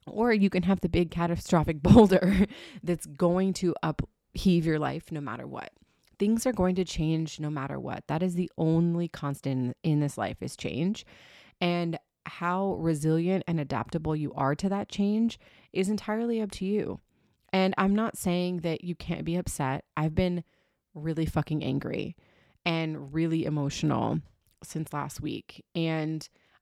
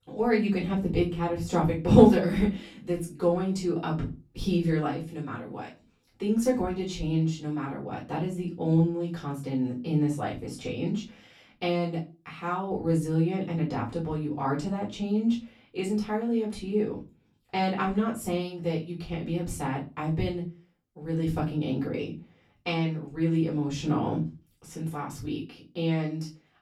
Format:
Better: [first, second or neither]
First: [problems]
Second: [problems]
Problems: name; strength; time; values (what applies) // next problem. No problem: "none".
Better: first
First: none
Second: off-mic speech; far // room echo; slight; dies away in 0.3 s